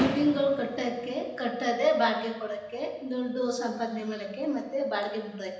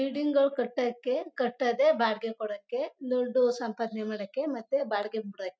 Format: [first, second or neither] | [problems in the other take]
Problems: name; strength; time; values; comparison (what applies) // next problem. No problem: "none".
second | background sound (Fireworks); 12 dB below the speech // room echo; dies away in 1 s